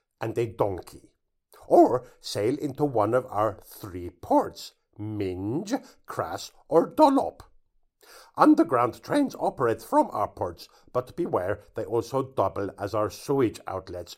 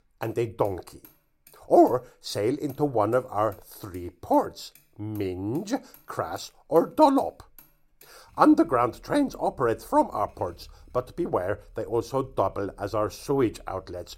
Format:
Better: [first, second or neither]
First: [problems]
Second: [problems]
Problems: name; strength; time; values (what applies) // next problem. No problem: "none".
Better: first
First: none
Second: traffic noise; faint; throughout; 30 dB below the speech